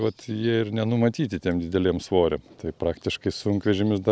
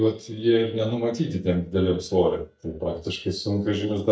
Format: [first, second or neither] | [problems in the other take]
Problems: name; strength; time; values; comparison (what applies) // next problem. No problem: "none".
first | noise reduction (neural mask model DeepFilterNet 3)